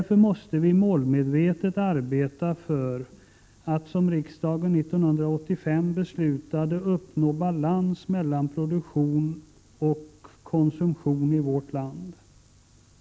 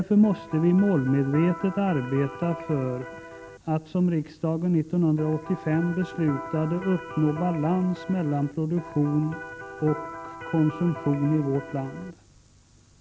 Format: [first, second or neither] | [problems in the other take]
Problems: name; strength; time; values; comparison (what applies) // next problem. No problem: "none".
first | background sound (Electric guitar); 13 dB below the speech